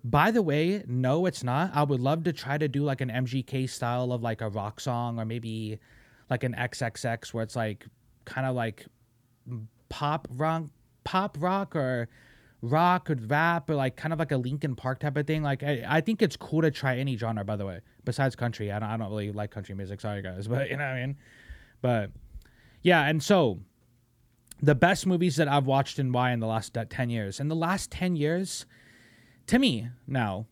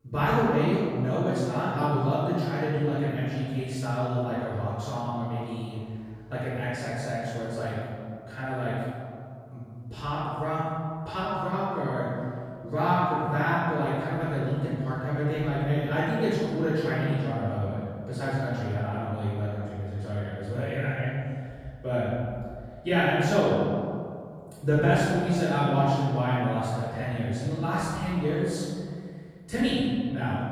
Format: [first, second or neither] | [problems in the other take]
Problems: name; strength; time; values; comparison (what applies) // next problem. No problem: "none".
first | off-mic speech; far // room echo; strong; dies away in 2.1 s